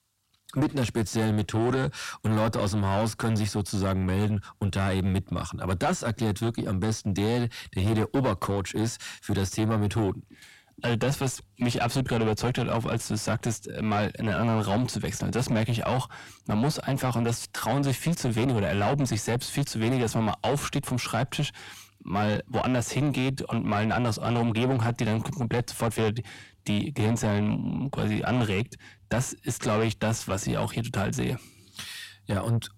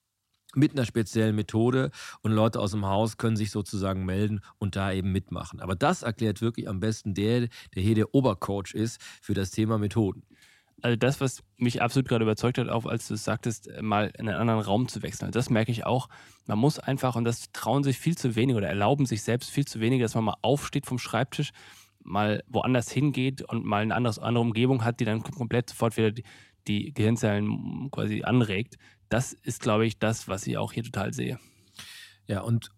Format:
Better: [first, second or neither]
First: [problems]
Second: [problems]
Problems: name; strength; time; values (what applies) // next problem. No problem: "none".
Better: second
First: distortion; heavy; 6 dB below the speech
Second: none